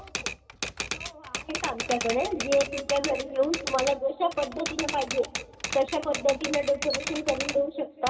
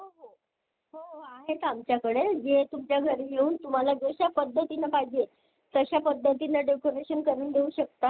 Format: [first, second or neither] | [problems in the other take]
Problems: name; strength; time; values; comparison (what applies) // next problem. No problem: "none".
second | background sound (Typewriter); 6 dB below the speech // room echo; dies away in 2.6 s